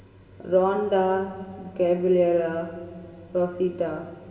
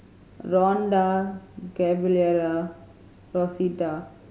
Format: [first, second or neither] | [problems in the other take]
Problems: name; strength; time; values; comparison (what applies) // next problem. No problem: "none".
second | room echo; dies away in 2.3 s